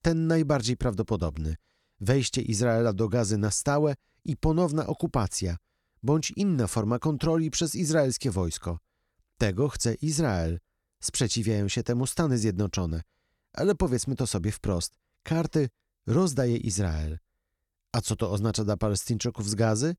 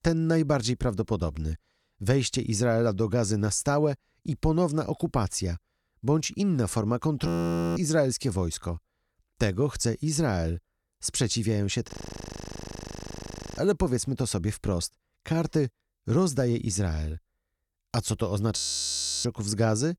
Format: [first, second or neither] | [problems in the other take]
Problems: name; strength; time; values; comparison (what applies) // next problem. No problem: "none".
first | audio freezing; at 7.5 s, at 12 s for 1.5 s and at 19 s for 0.5 s